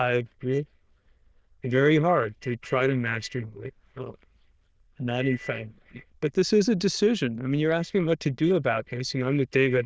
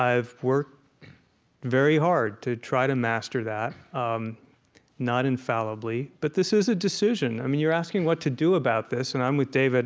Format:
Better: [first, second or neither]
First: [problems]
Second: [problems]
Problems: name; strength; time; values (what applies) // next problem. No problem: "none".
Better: second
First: noise reduction (neural diffusion model UNIVERSE++)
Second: none